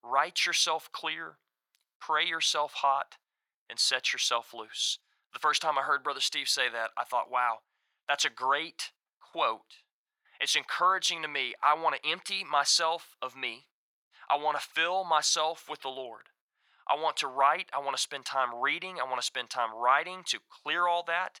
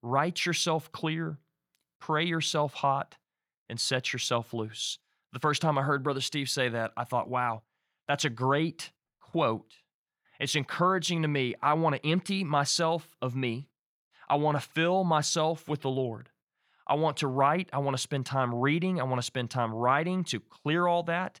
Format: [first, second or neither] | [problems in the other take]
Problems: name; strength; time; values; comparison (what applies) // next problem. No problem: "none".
second | thin; very; fading below 900 Hz